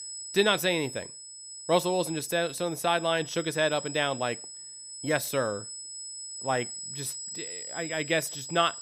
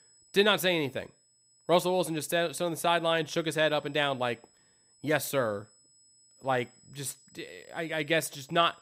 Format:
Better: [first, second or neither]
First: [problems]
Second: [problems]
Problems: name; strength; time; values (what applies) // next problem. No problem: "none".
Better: second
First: high-pitched whine; loud; throughout; 8 kHz, 9 dB below the speech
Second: high-pitched whine; faint; throughout; 8 kHz, 30 dB below the speech